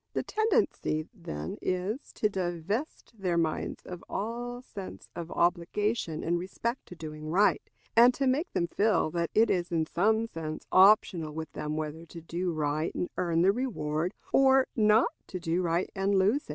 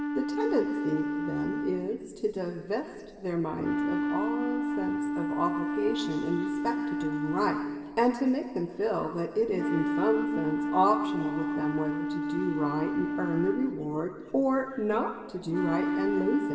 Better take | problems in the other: first | background sound (Wind instrument, woodwind instrument); 1 dB below the speech // room echo; dies away in 2.8 s

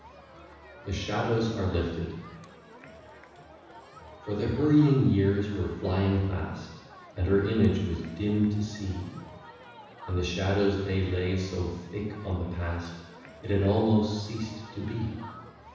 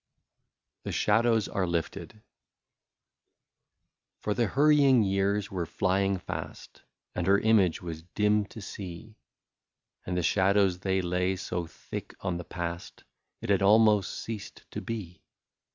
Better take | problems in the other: second | background sound (Crowd); 20 dB below the speech // room echo; dies away in 1.1 s

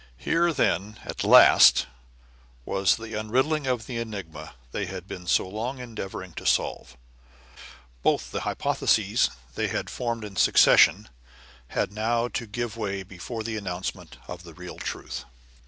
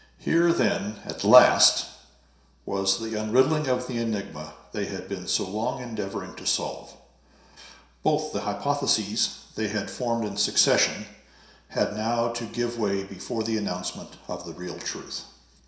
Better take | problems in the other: first | room echo; dies away in 0.7 s

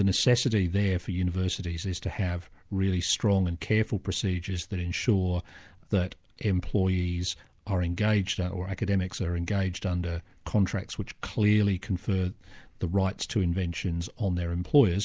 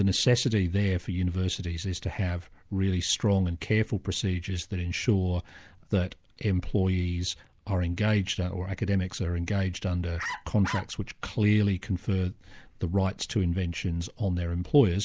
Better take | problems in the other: first | noise reduction (neural mask model Resemble Enhance denoiser)

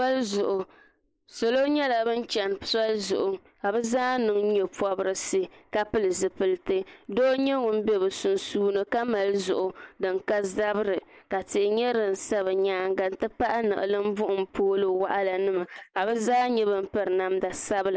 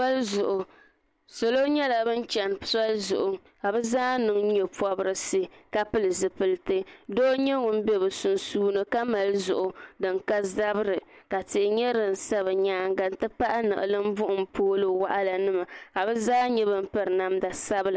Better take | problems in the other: second | noise reduction (neural mask model Resemble Enhance denoiser)

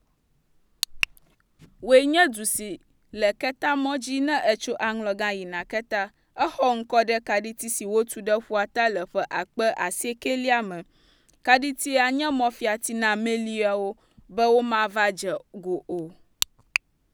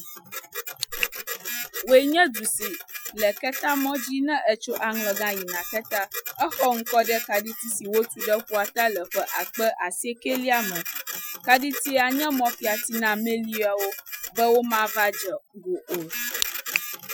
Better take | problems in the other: first | noise reduction (classical method Wiener filter)

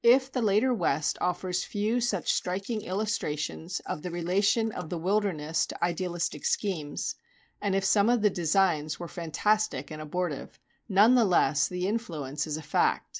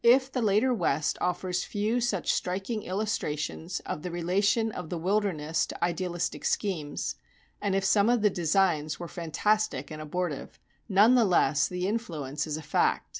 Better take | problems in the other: second | noise reduction (neural mask model Resemble Enhance denoiser)

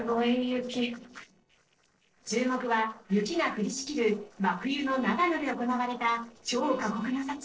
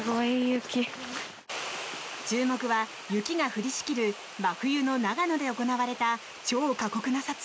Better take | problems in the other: second | noise reduction (neural separator model SepFormer DNS4)

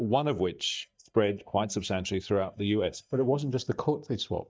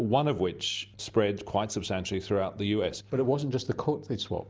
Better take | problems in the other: second | noise reduction (neural mask model DeepFilterNet 3)

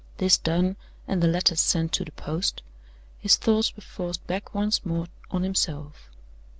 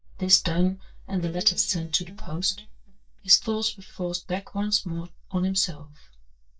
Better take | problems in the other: first | noise reduction (neural mask model DeepFilterNet 3)

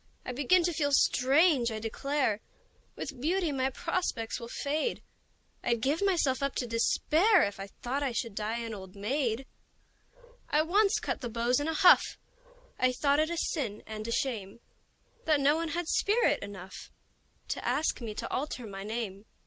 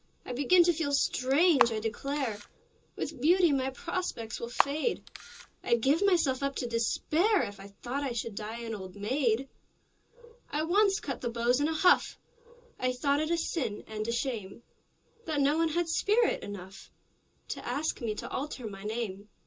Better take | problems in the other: first | background sound (Camera); 5 dB below the speech // room echo; dies away in 0.2 s

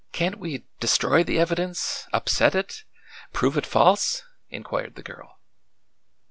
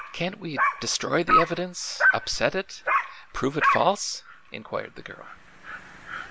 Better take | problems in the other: first | background sound (Dog); 1 dB above the speech

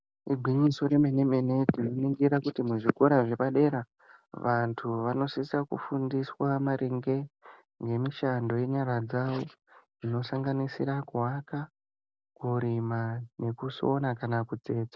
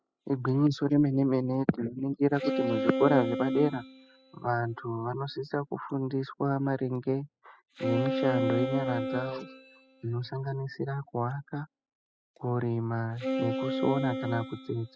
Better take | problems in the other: first | noise reduction (classical method spectral subtraction)

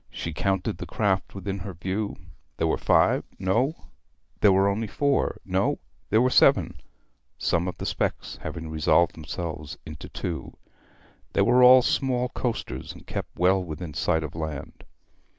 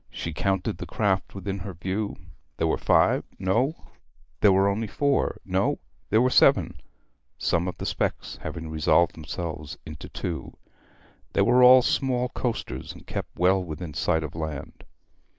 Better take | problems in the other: first | noise reduction (neural mask model Resemble Enhance denoiser)

